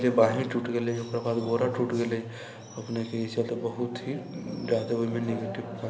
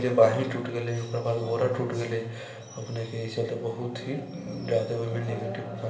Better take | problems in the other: first | room echo; dies away in 0.6 s

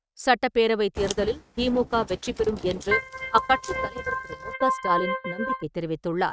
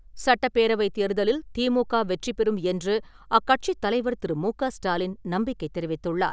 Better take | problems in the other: second | noise reduction (neural mask model RNNoise)

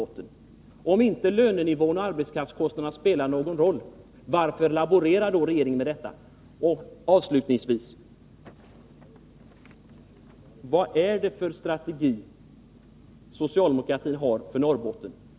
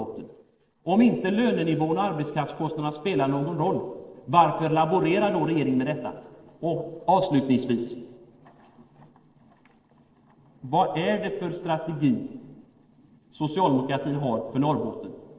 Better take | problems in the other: first | noise reduction (neural separator model SepFormer DNS4)

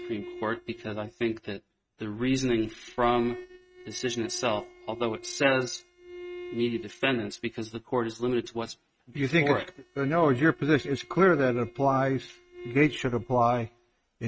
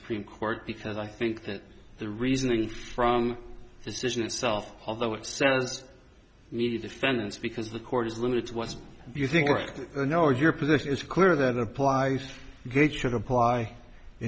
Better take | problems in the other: second | noise reduction (neural mask model RNNoise)

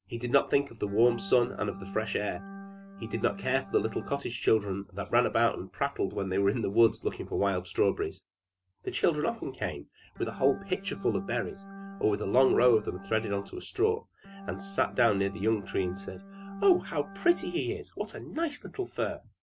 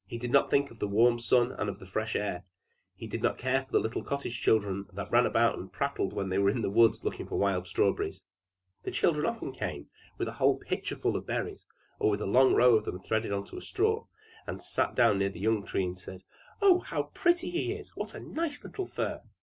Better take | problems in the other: second | background sound (Organ); 13 dB below the speech

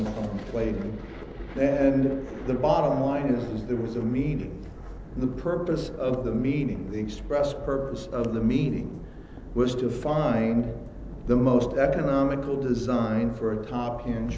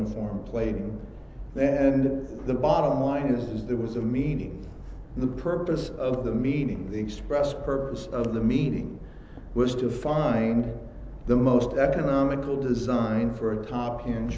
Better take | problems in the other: second | background sound (Thunder); 19 dB below the speech

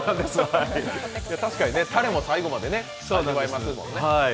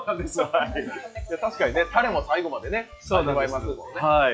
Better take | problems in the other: first | noise reduction (classical method log-MMSE)

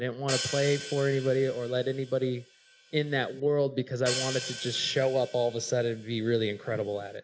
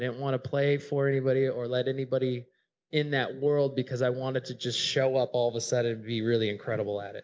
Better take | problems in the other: second | background sound (Hi-hat); 11 dB below the speech

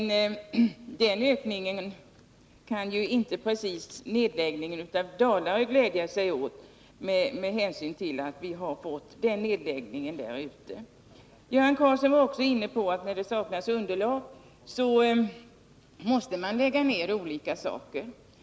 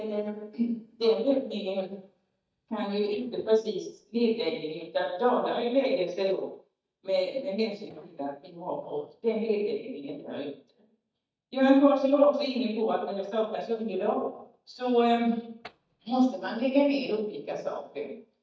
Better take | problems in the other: first | noise reduction (neural mask model DeepFilterNet 3)

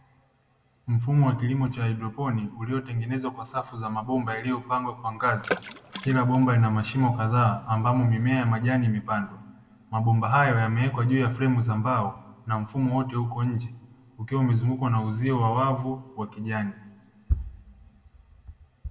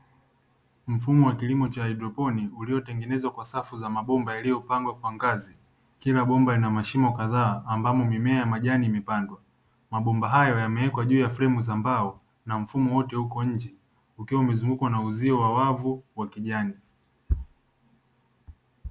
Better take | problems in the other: second | background sound (Water / Splash, splatter); 12 dB below the speech // room echo; dies away in 1.3 s

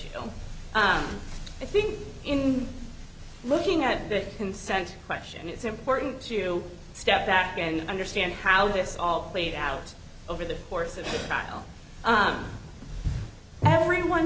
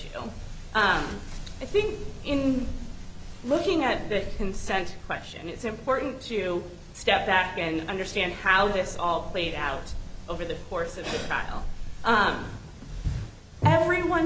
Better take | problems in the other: first | background sound (Boat, Water vehicle); 8 dB below the speech

